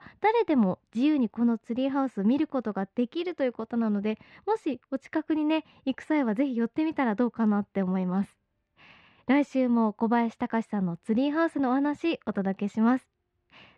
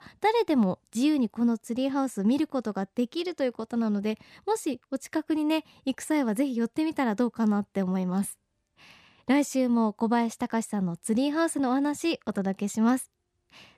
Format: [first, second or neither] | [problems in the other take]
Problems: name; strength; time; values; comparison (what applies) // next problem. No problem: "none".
second | muffled; slightly; fading above 2.5 kHz